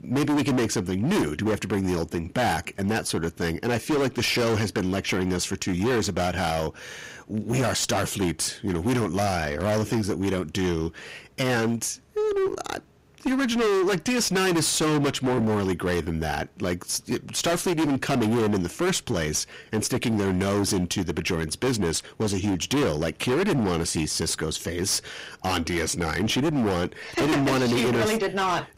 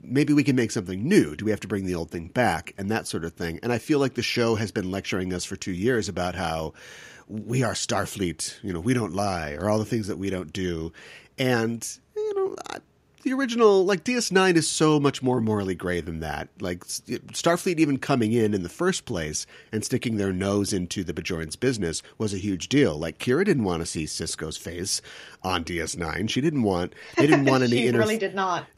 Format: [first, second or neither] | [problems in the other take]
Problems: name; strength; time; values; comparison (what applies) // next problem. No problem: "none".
second | distortion; heavy; 22% of the sound clipped